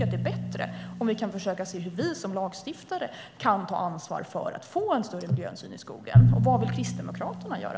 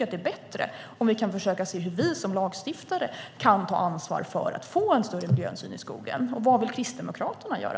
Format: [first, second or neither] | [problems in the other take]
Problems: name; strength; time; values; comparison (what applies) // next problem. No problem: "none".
second | background sound (Drum); 2 dB above the speech